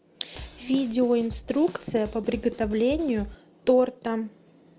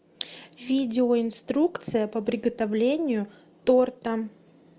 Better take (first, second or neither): second